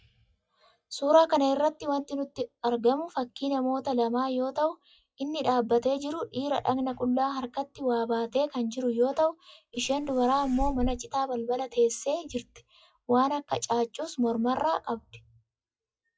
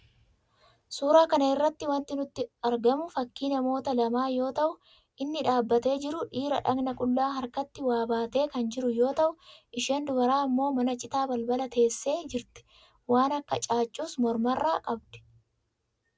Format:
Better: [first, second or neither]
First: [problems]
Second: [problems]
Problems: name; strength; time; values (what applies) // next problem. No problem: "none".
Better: second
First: noise reduction (classical method log-MMSE)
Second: none